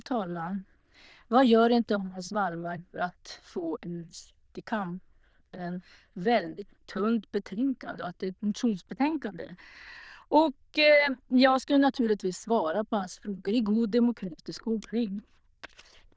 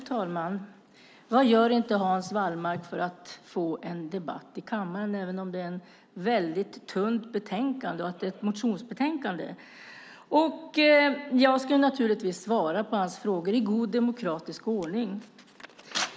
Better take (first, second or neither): second